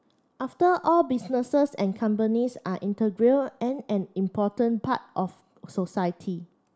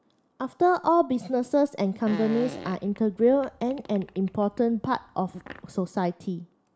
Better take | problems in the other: first | background sound (Fart); 16 dB below the speech

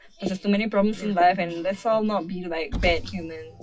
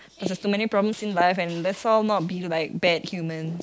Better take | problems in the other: second | noise reduction (classical method WPE with log-MMSE)

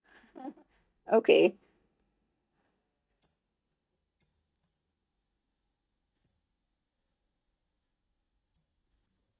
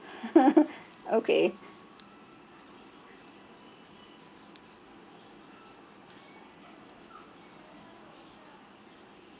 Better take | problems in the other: second | noise reduction (neural mask model DeepFilterNet 3)

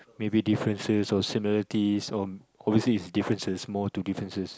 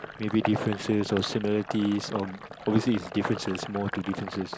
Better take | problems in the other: first | background sound (Sink (filling or washing)); 10 dB below the speech

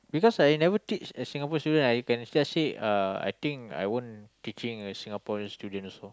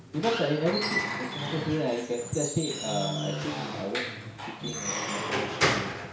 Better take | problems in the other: first | background sound (Squeak / Wood); as loud as the speech // room echo; dies away in 0.6 s

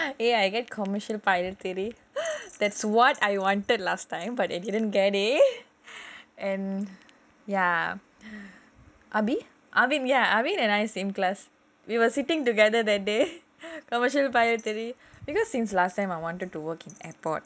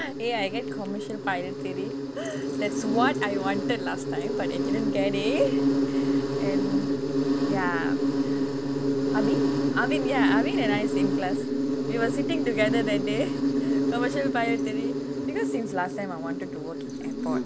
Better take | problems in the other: first | background sound (Insect); 5 dB above the speech

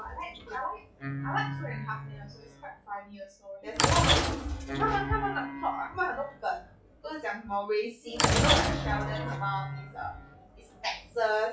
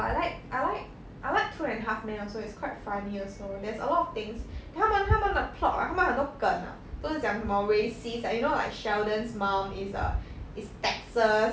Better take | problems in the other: second | noise reduction (classical method log-MMSE)

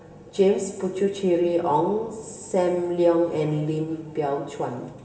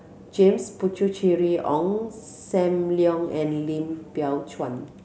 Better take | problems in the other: second | room echo; dies away in 1.4 s

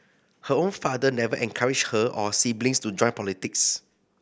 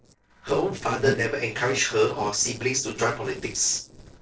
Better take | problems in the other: first | noise reduction (neural separator model SepFormer DNS4)

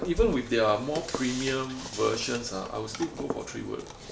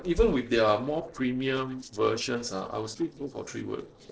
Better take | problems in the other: first | noise reduction (neural separator model SepFormer DNS4)

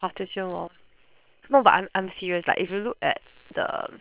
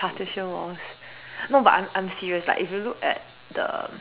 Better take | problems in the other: second | noise reduction (neural separator model SepFormer WHAM!)

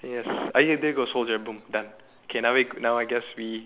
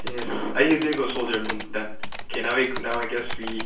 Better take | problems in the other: first | background sound (Typing); 12 dB below the speech // room echo; dies away in 0.3 s

